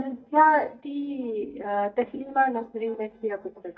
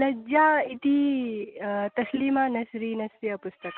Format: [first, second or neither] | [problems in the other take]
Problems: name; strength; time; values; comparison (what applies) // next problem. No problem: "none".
second | noise reduction (neural mask model DeepFilterNet 3)